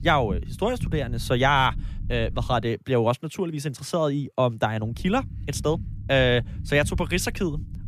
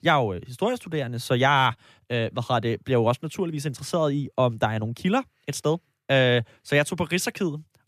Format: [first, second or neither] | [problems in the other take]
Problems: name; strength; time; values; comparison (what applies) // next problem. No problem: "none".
second | low rumble; faint; until 2.5 s and from 5 s on; 25 dB below the speech